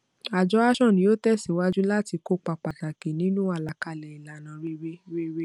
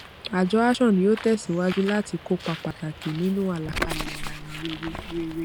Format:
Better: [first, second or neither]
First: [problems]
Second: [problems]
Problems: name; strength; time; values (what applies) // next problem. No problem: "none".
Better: first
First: none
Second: background sound (Bird); 11 dB below the speech